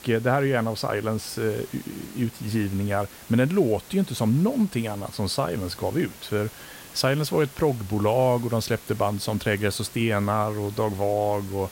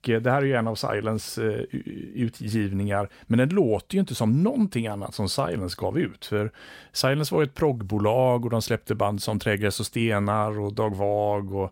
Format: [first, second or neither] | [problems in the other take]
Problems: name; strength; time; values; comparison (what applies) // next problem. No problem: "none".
second | hiss; noticeable; throughout; 20 dB below the speech